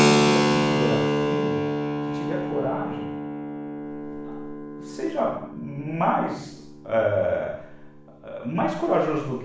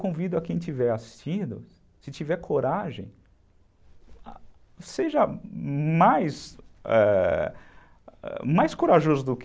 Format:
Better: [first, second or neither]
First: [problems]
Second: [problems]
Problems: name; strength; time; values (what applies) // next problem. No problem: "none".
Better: second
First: background sound (Keyboard (musical)); 2 dB above the speech // room echo; dies away in 0.7 s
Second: none